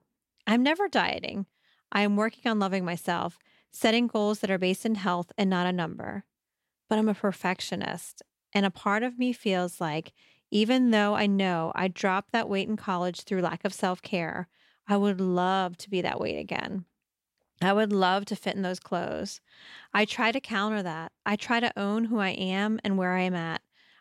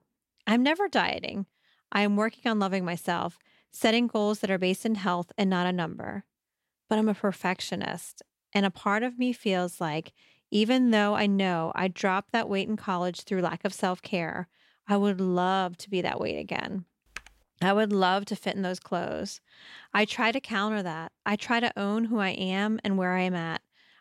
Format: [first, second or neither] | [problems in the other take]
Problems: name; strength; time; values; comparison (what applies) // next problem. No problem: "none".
first | keyboard typing; very faint; at 17 s; peak 15 dB below the speech